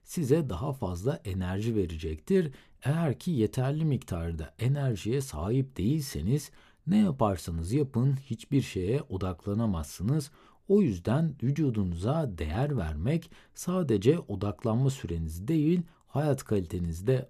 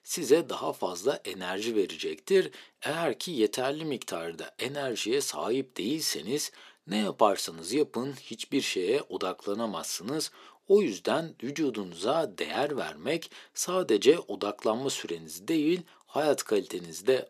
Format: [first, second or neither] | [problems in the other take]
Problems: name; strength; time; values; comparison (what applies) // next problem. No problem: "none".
first | thin; somewhat; fading below 350 Hz